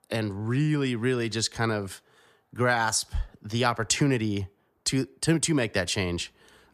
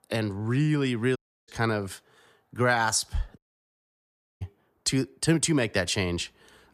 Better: first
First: none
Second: audio cutting out; at 1 s and at 3.5 s for 1 s

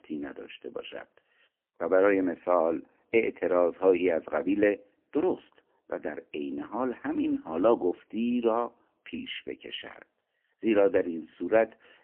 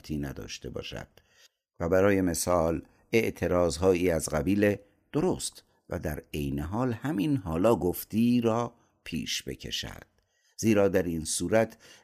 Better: second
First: phone-call audio; poor line; nothing above 3 kHz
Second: none

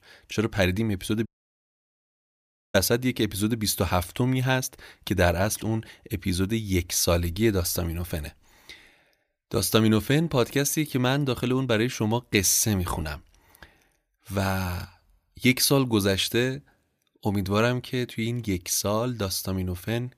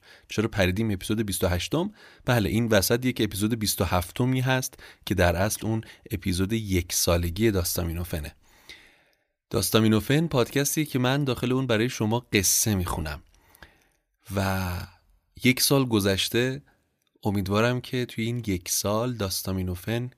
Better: second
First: audio cutting out; at 1.5 s for 1.5 s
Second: none

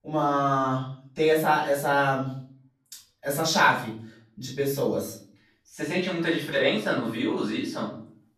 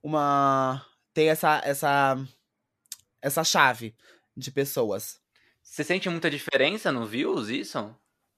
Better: second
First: off-mic speech; far // room echo; slight; dies away in 0.5 s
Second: none

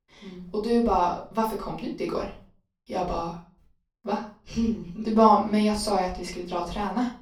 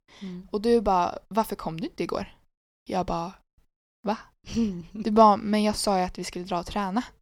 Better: second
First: off-mic speech; far // room echo; slight; dies away in 0.3 s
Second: none

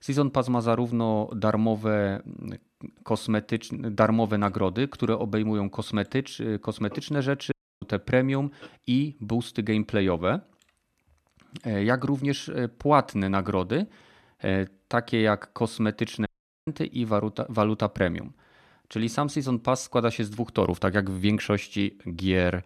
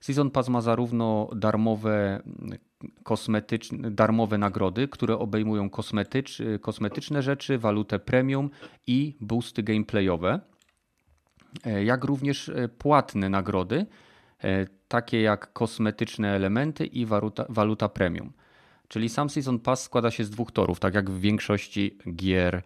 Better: second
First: audio cutting out; at 7.5 s and at 16 s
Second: none

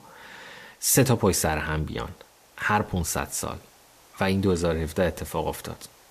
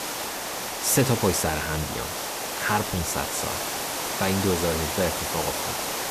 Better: first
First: hiss; faint; throughout; 30 dB below the speech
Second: hiss; loud; throughout; 2 dB below the speech

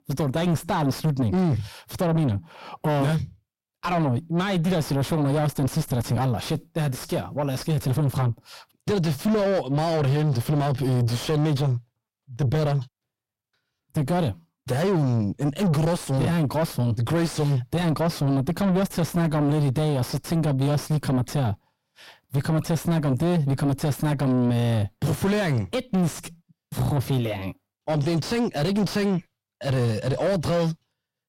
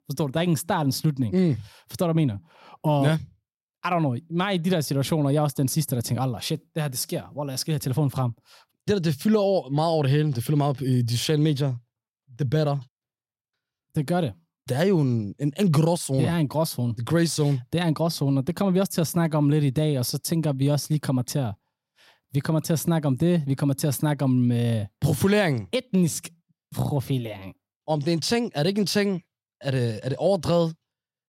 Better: second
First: distortion; heavy; 6 dB below the speech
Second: none

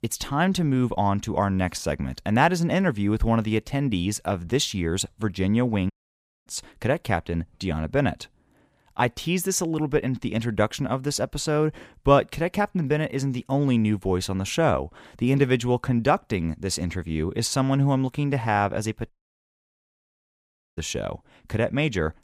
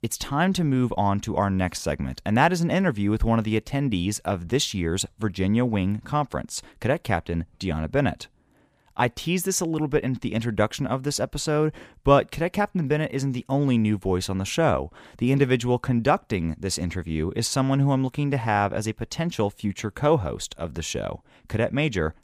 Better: second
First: audio cutting out; at 6 s for 0.5 s and at 19 s for 1.5 s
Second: none

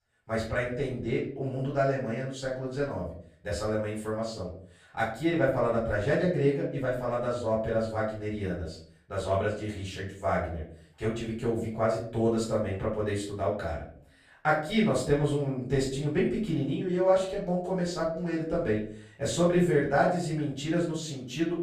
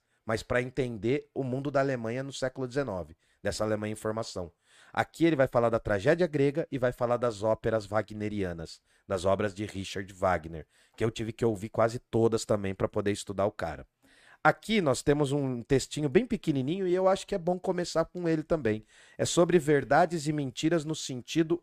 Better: second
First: off-mic speech; far // room echo; slight; dies away in 0.5 s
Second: none

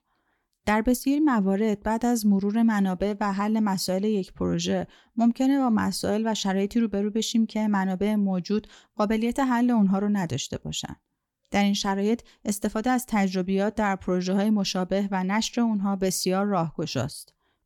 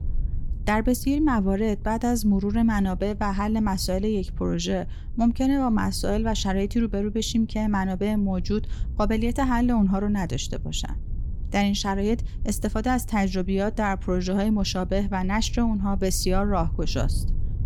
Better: first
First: none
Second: low rumble; faint; throughout; 25 dB below the speech

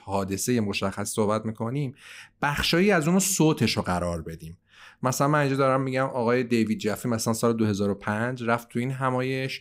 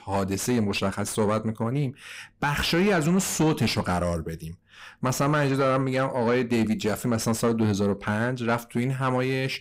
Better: first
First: none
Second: distortion; slight; 10 dB below the speech

